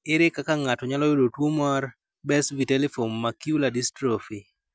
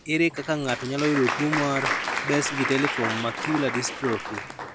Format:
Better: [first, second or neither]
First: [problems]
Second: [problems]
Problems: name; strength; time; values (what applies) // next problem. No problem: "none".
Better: first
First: none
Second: background sound (Applause); 4 dB below the speech